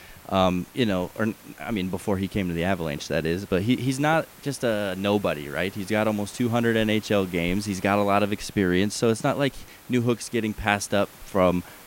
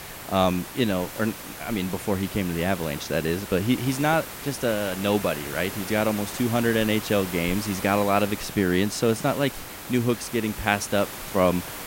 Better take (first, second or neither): first